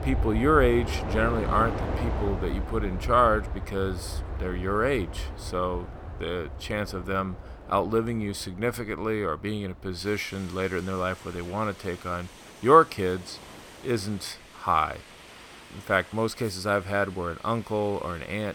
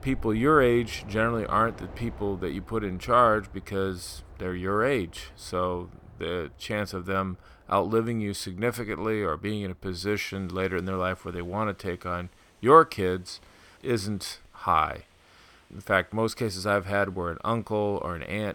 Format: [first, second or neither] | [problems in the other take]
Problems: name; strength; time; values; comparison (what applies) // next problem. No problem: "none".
second | train or aircraft noise; loud; throughout; 9 dB below the speech; faint in the second